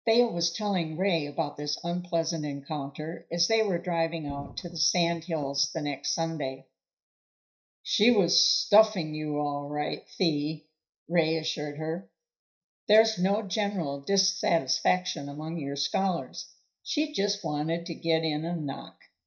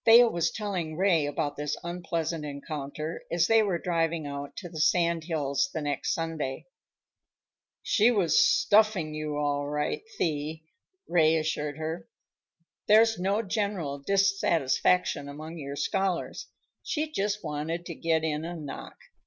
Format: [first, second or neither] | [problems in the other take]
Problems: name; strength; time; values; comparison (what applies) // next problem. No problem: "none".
second | noise reduction (neural mask model DeepFilterNet 3)